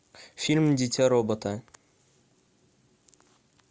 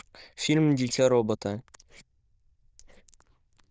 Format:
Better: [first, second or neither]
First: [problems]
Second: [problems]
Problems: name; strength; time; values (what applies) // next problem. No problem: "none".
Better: first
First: none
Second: noise reduction (neural diffusion model UNIVERSE++)